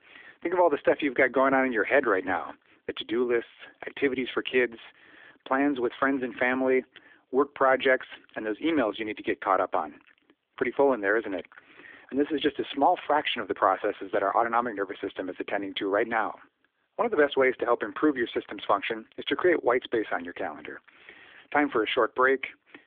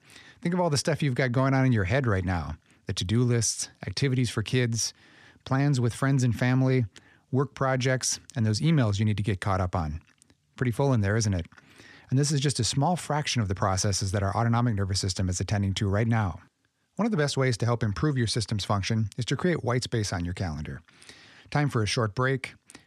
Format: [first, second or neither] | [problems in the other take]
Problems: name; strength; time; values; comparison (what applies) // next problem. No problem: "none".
second | phone-call audio; nothing above 3.5 kHz